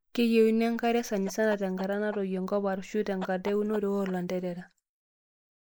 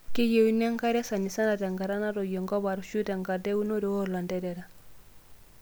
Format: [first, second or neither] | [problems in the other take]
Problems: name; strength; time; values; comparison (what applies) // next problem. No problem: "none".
second | noise reduction (neural mask model Resemble Enhance denoiser)